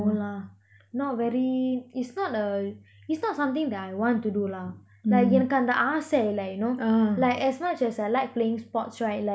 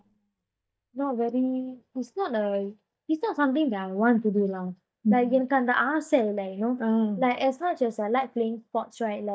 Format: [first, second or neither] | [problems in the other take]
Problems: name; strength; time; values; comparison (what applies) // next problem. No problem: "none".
first | noise reduction (neural mask model DeepFilterNet 3)